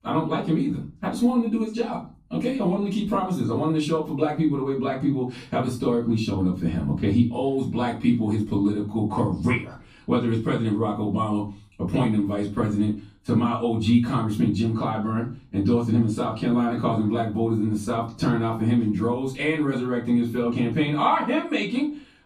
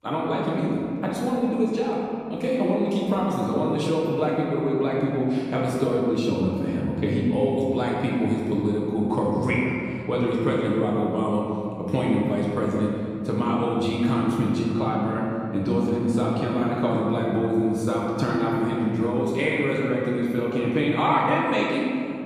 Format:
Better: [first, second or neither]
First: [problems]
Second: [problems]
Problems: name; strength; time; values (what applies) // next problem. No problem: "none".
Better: first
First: room echo; slight; dies away in 0.3 s // off-mic speech; far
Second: room echo; strong; dies away in 2.3 s // off-mic speech; far